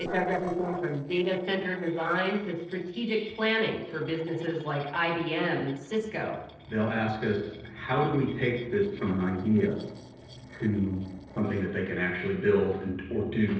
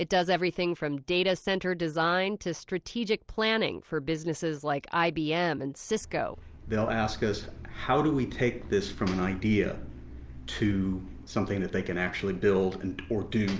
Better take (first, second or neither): second